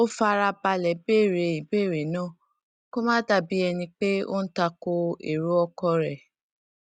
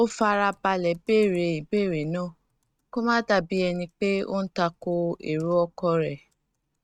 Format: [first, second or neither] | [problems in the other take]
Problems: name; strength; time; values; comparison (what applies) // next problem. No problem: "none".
first | noise reduction (neural mask model RNNoise)